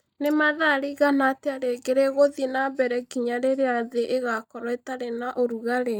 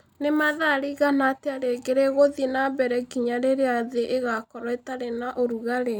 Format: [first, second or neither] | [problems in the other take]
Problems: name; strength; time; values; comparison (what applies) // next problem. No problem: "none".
second | noise reduction (neural mask model DeepFilterNet 3)